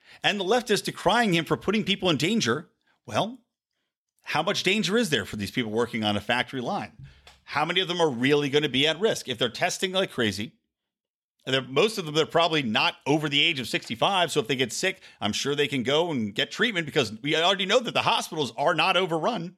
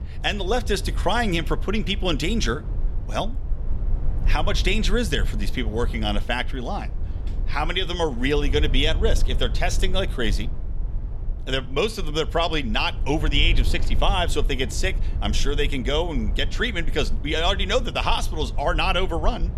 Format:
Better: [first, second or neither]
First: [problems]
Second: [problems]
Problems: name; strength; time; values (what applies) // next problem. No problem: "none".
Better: first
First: none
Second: low rumble; noticeable; throughout; 20 dB below the speech